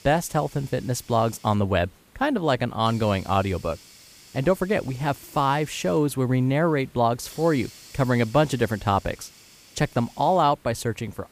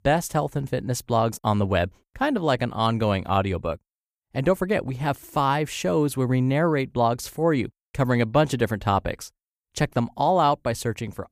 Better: second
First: hiss; faint; throughout; 25 dB below the speech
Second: none

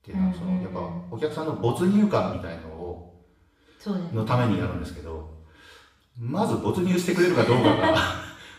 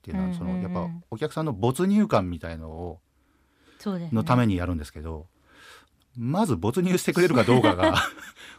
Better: second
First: room echo; noticeable; dies away in 0.7 s // off-mic speech; far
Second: none

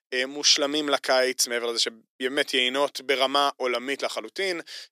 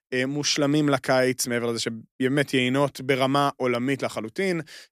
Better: second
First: thin; somewhat; fading below 400 Hz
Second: none

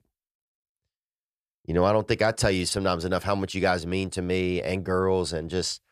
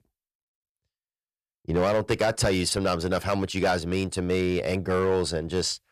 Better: first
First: none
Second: distortion; slight; 4% of the sound clipped

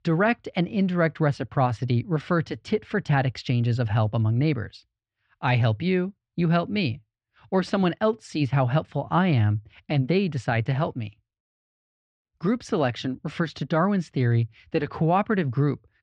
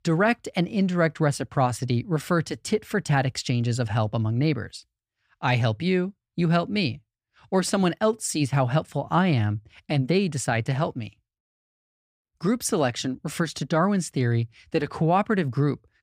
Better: second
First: muffled; slightly; fading above 4 kHz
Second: none

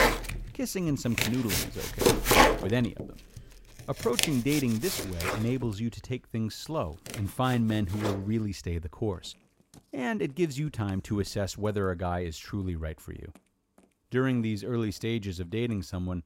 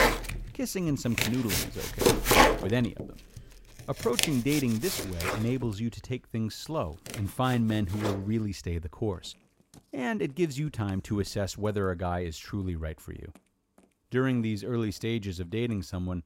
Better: neither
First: household noises; very loud; throughout; 3 dB above the speech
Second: household noises; very loud; throughout; 3 dB above the speech

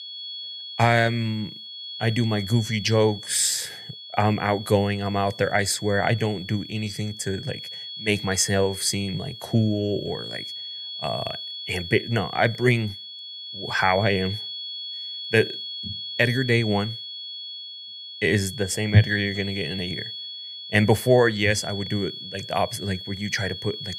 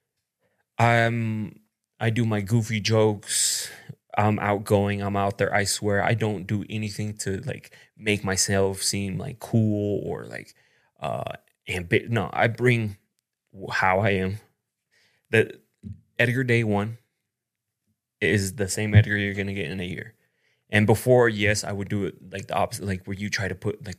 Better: second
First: high-pitched whine; loud; throughout; 3.5 kHz, 10 dB below the speech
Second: none

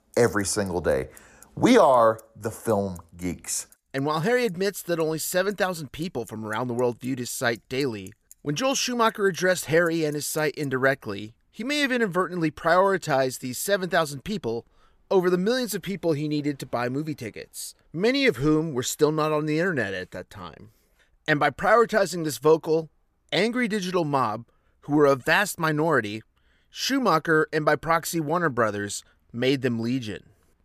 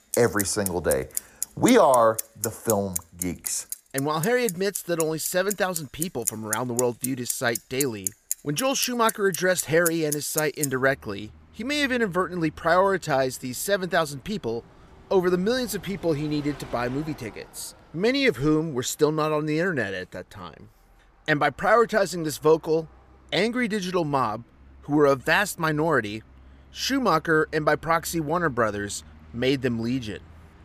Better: first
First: traffic noise; faint; throughout; 30 dB below the speech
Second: traffic noise; loud; throughout; 8 dB below the speech

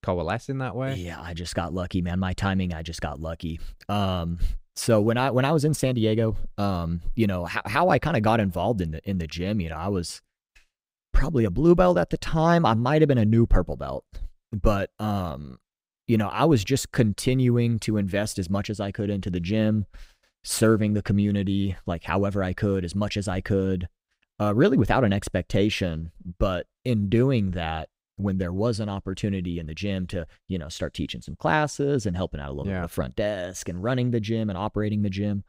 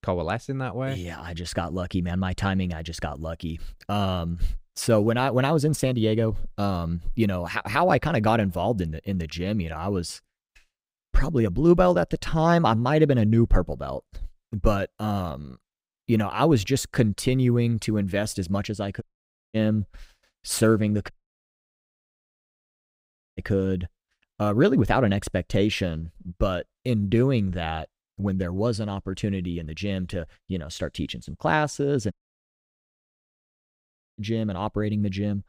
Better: first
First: none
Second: audio cutting out; at 19 s for 0.5 s, at 21 s for 2.5 s and at 32 s for 2 s

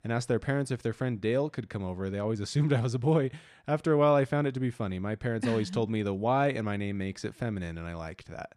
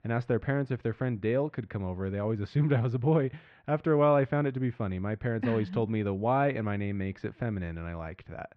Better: first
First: none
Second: muffled; very; fading above 2.5 kHz

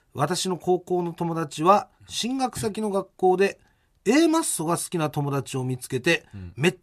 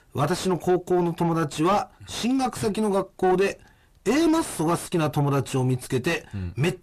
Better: first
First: none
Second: distortion; heavy; 6 dB below the speech

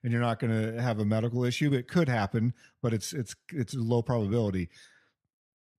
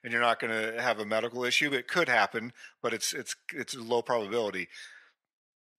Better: first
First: none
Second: thin; very; fading below 550 Hz

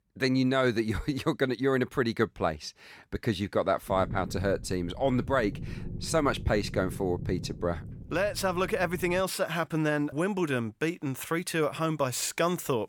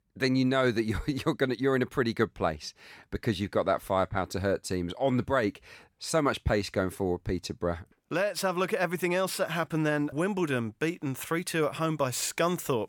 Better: second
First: low rumble; faint; from 4 to 9 s; 20 dB below the speech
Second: none

